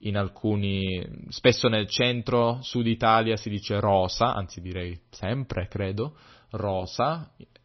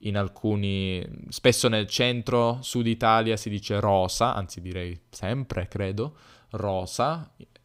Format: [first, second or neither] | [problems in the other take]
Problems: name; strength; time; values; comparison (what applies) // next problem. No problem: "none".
second | garbled, watery; slightly; nothing above 6 kHz